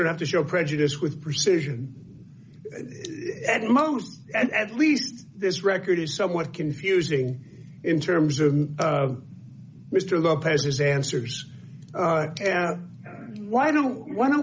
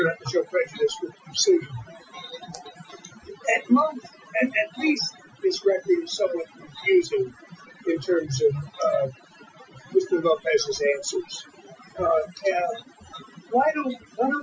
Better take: first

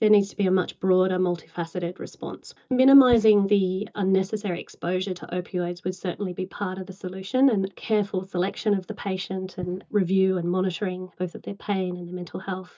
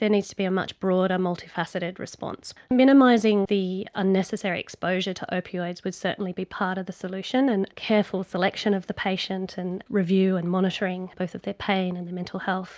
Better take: second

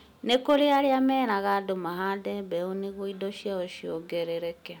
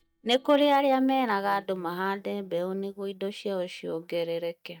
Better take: first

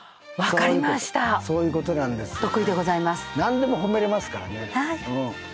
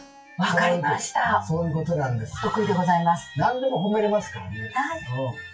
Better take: first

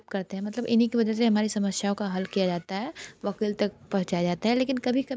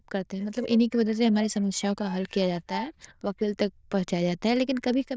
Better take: first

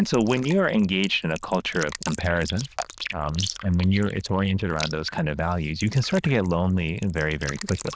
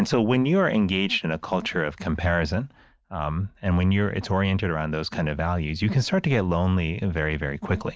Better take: second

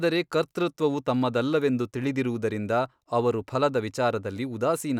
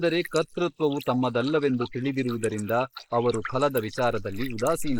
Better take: first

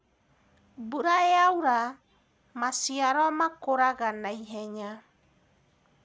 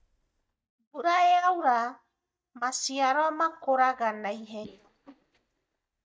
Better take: first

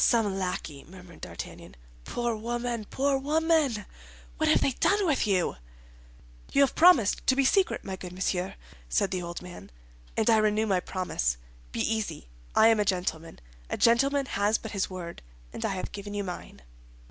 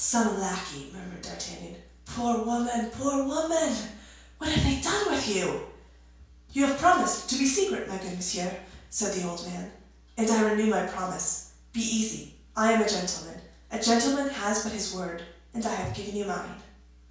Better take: first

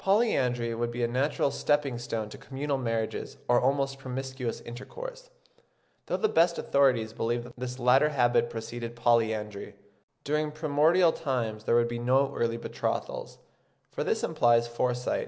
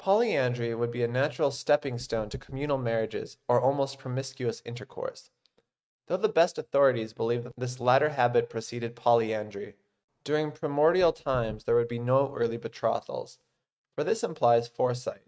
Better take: first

